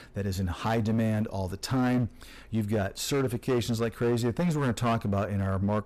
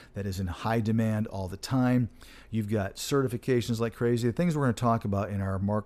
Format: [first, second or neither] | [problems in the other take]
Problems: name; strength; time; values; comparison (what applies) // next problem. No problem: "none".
second | distortion; slight; 12% of the sound clipped